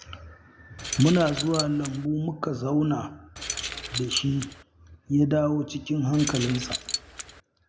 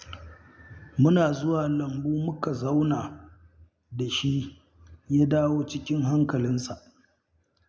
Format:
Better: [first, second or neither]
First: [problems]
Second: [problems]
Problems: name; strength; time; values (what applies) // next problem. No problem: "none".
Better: second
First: background sound (Keys jangling); 7 dB below the speech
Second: none